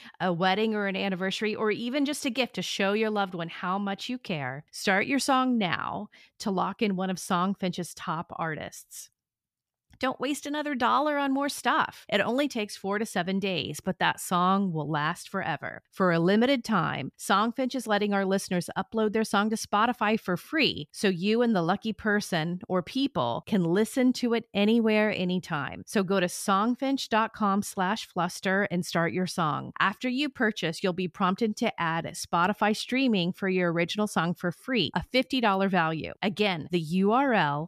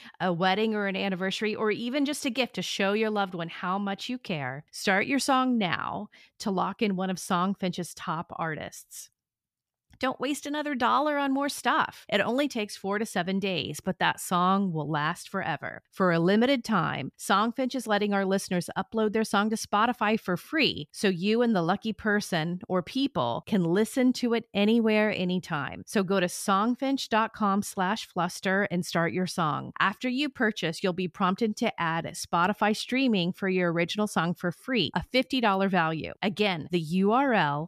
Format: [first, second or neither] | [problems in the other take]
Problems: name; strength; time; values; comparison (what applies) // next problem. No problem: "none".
neither | none